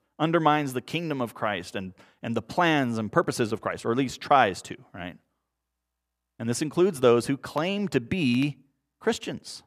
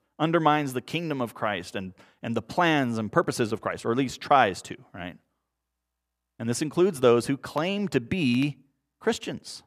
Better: neither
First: none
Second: none

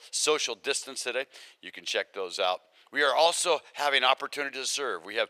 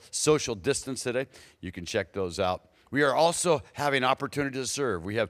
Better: second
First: thin; very; fading below 600 Hz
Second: none

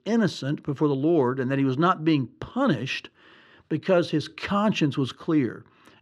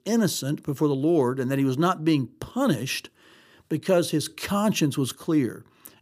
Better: second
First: muffled; slightly; fading above 3 kHz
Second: none

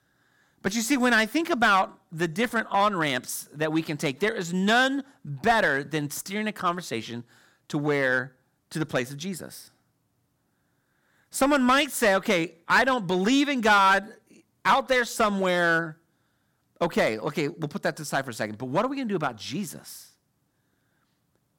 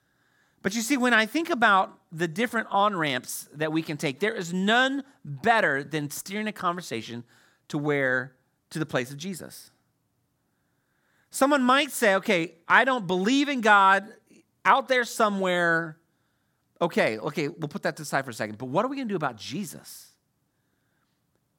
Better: second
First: distortion; slight; 2% of the sound clipped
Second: none

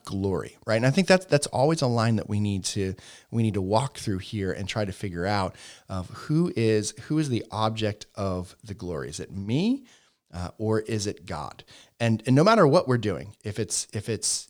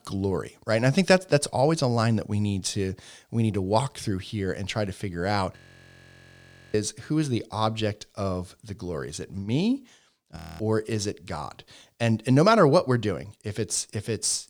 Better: first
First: none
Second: audio freezing; at 5.5 s for 1 s and at 10 s

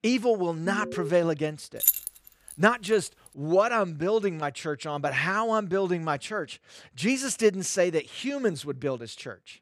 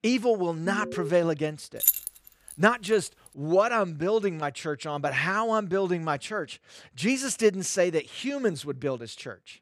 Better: neither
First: alarm; noticeable; at 0.5 s; peak 7 dB below the speech // jangling keys; loud; at 2 s; peak 4 dB above the speech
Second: alarm; noticeable; at 0.5 s; peak 7 dB below the speech // jangling keys; loud; at 2 s; peak 4 dB above the speech

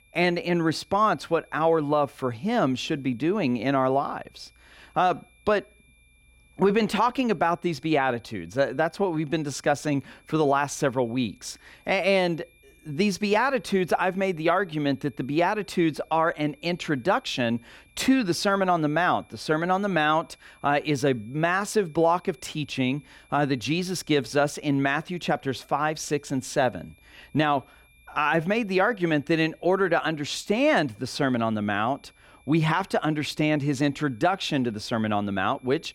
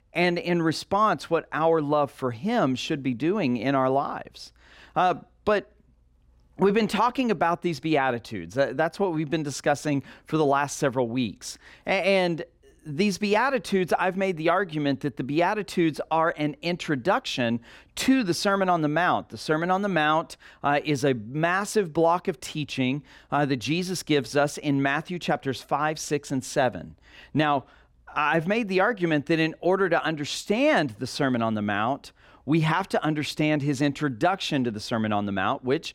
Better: second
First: high-pitched whine; faint; throughout; 2.5 kHz, 35 dB below the speech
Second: none

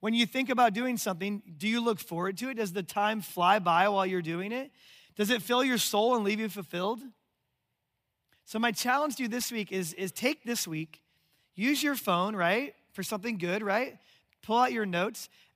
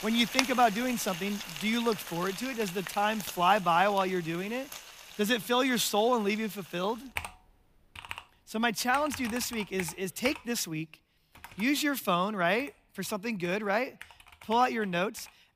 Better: first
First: none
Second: household noises; noticeable; throughout; 10 dB below the speech

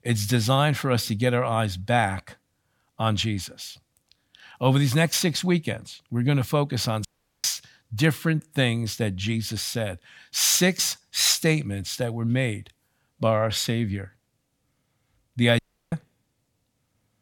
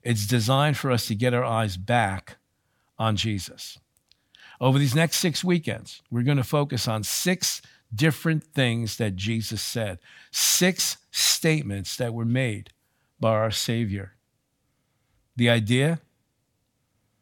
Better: second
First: audio cutting out; at 7 s and at 16 s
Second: none

